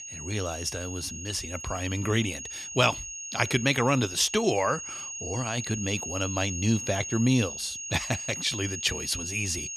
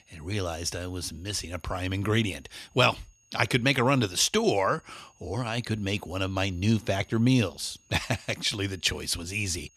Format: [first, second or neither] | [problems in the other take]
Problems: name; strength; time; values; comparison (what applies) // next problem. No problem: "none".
second | high-pitched whine; loud; throughout; 6.5 kHz, 7 dB below the speech; faint in the second